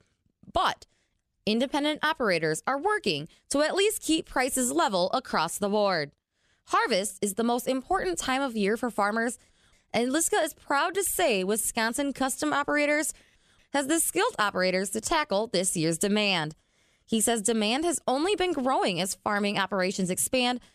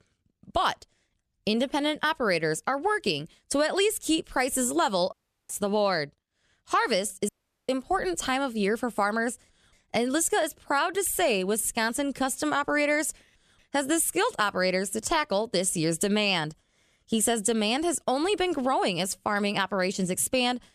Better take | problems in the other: first | audio cutting out; at 5 s and at 7.5 s

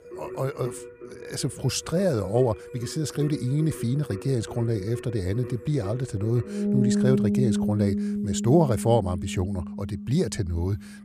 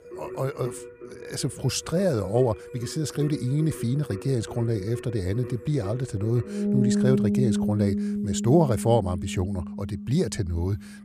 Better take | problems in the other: neither | background music; loud; throughout; 4 dB below the speech; the same in both

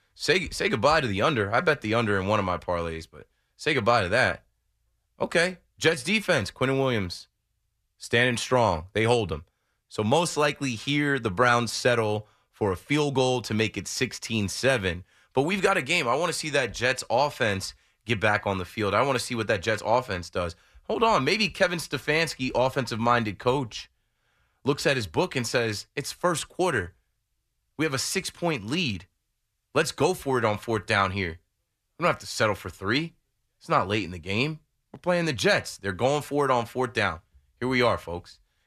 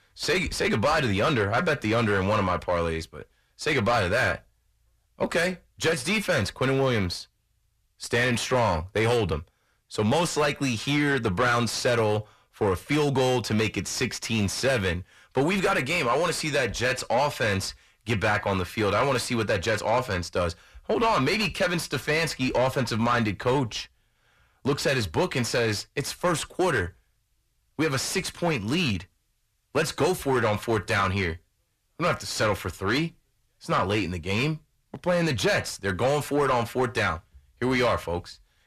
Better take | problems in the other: first | distortion; heavy; 7 dB below the speech

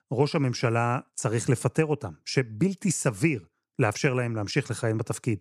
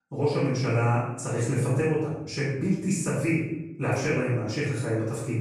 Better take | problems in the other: first | off-mic speech; far // room echo; noticeable; dies away in 0.8 s

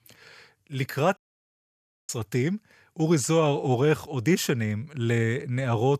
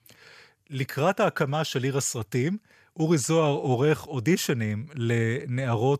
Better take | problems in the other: second | audio cutting out; at 1 s for 1 s

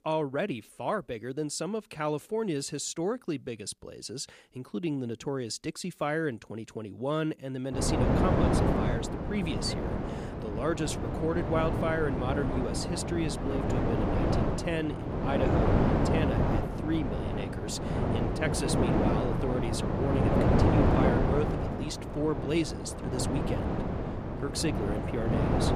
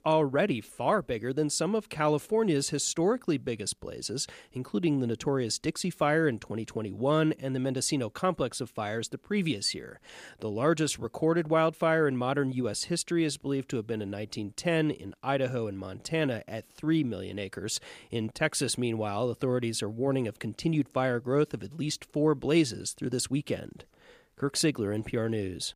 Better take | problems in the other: second | wind noise on the microphone; heavy; from 8 s on; 2 dB above the speech

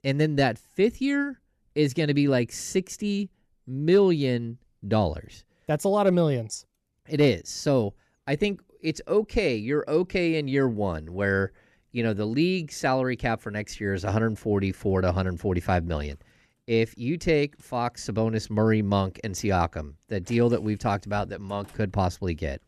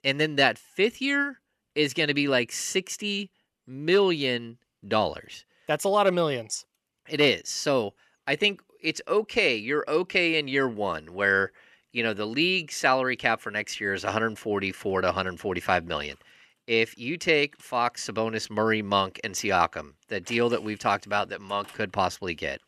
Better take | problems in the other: first | thin; somewhat; fading below 550 Hz

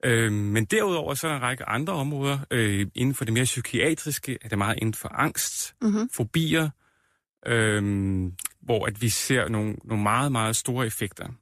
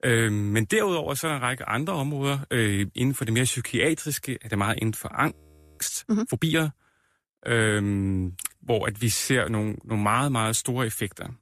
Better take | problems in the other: first | audio freezing; at 5.5 s

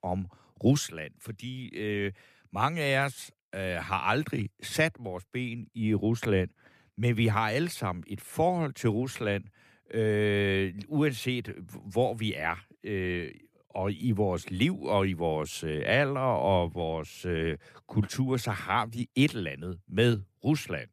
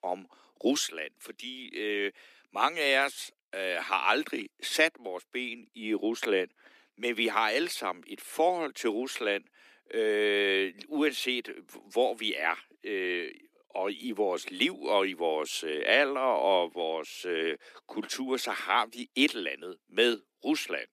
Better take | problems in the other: first | thin; somewhat; fading below 250 Hz

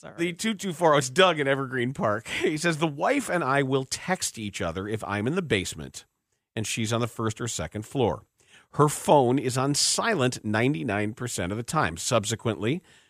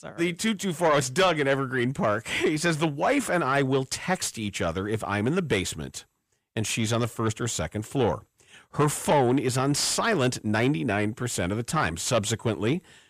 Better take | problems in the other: first | distortion; slight; 10 dB below the speech

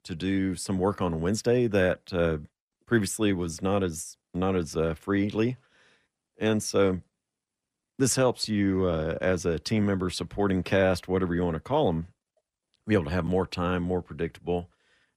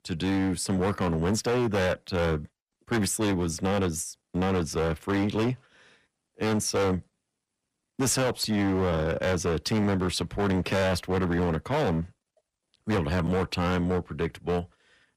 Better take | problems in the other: first | distortion; heavy; 19% of the sound clipped

